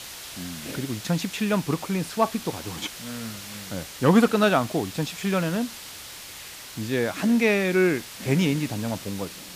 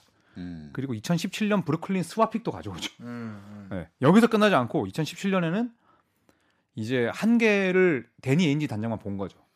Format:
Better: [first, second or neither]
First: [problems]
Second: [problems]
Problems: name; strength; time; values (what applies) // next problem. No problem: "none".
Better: second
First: hiss; noticeable; throughout; 15 dB below the speech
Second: none